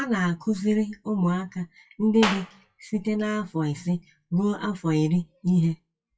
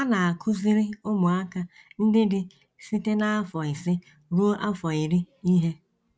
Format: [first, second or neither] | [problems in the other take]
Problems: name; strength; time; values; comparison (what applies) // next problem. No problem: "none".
second | noise reduction (classical method WPE with log-MMSE)